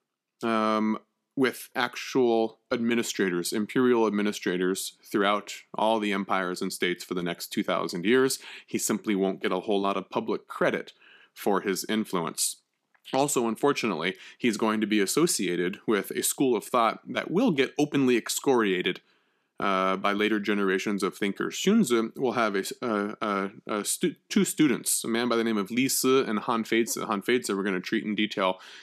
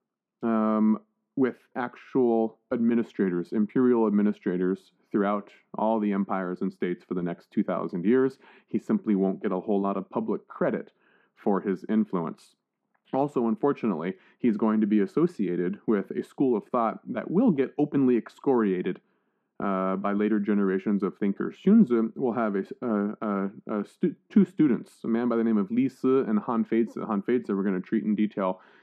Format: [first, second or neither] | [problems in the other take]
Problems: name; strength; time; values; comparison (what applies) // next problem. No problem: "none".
first | muffled; very; fading above 3 kHz